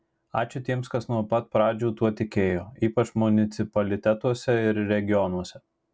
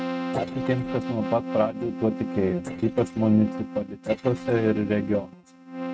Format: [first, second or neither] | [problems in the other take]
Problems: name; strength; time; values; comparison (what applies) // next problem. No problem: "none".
first | noise reduction (neural mask model RNNoise)